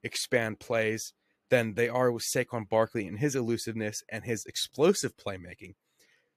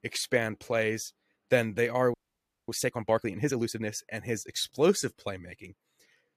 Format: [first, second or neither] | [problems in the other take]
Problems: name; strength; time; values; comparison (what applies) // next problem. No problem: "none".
first | audio freezing; at 2 s for 0.5 s